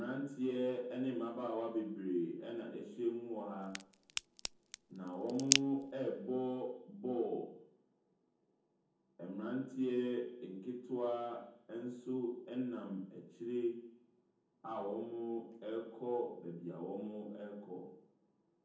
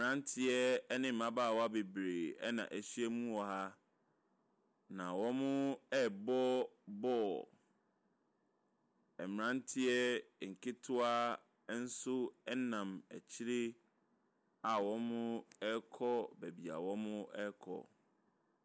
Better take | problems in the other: second | background sound (Crack); 2 dB above the speech // room echo; dies away in 0.7 s

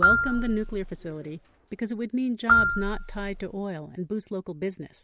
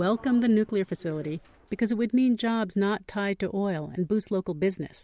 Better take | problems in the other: second | background sound (Marimba, xylophone); 3 dB above the speech

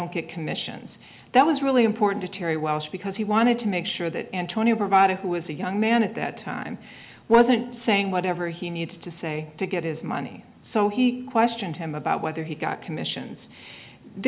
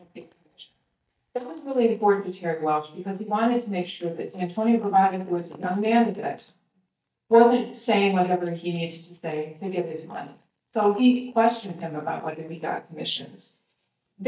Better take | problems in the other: first | noise reduction (neural mask model DeepFilterNet 3)

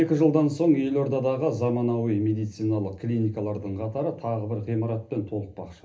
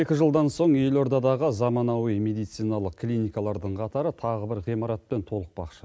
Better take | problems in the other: second | room echo; dies away in 0.3 s

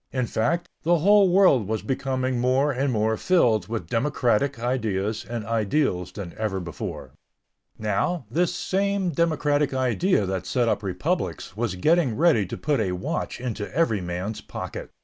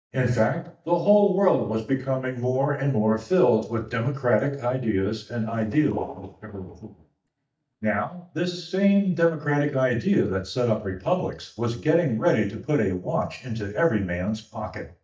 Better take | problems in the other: first | noise reduction (neural mask model DeepFilterNet 3)

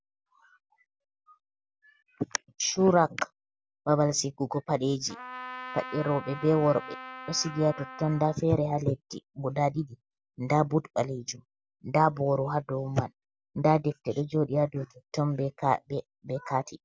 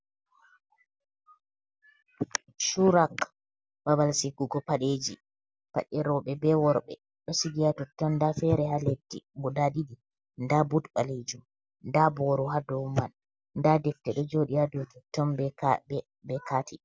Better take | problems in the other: second | background sound (Trumpet); 13 dB below the speech

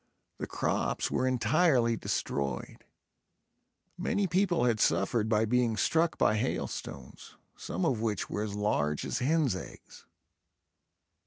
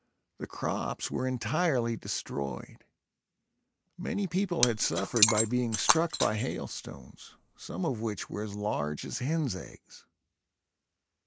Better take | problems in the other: first | noise reduction (neural mask model Resemble Enhance denoiser)

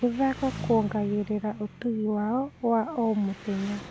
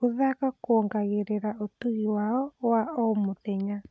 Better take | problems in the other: second | background sound (Engine); 14 dB below the speech

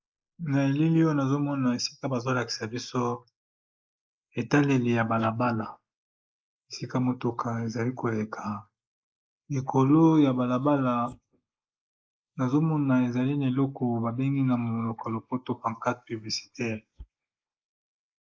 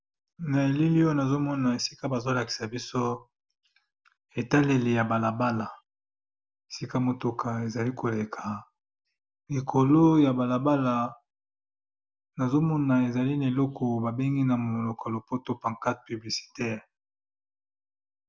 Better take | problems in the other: second | noise reduction (neural mask model Resemble Enhance denoiser)

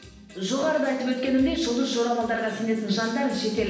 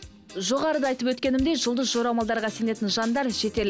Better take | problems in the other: second | room echo; dies away in 0.9 s

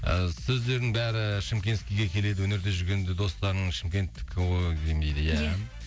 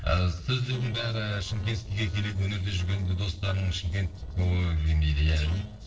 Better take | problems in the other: first | noise reduction (neural separator model SepFormer DNS4)

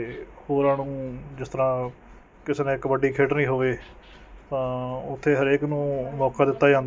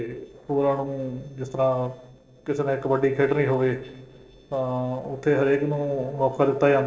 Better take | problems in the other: first | noise reduction (neural separator model SepFormer DNS4)

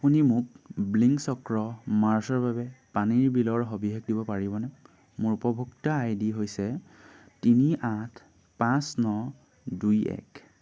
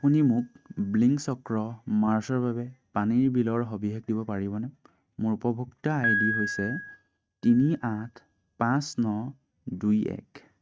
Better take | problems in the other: first | noise reduction (neural mask model RNNoise)

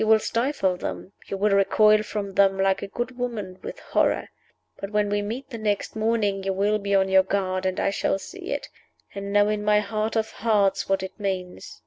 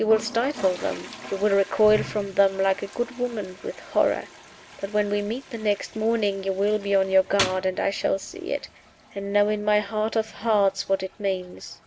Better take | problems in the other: first | background sound (Toilet flush); 15 dB below the speech

